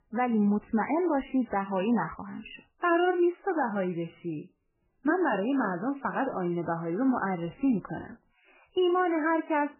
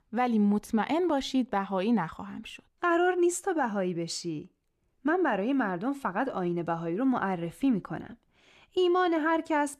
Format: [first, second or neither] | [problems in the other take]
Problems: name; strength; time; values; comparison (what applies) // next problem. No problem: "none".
second | garbled, watery; badly; nothing above 3 kHz